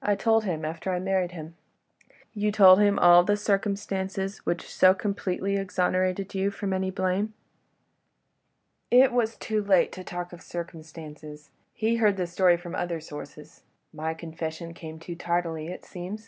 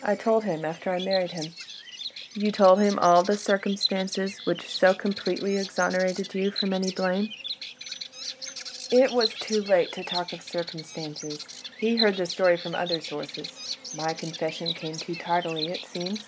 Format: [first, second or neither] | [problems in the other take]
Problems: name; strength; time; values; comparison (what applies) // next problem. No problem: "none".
first | background sound (Bird vocalization, bird call, bird song); 10 dB below the speech